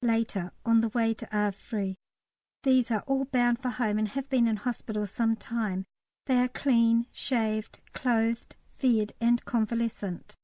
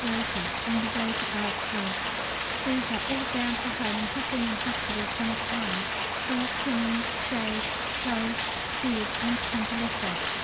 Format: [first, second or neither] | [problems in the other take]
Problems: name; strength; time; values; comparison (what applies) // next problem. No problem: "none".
first | background sound (Rain); 2 dB above the speech